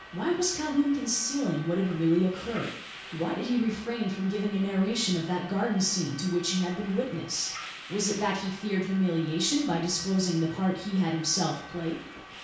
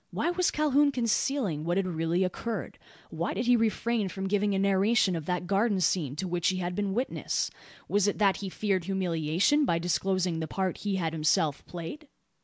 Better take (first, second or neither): second